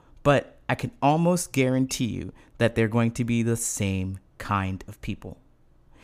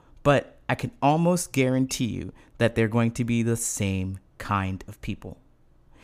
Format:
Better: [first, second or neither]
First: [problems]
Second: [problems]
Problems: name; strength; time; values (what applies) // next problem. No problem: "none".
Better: neither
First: none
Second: none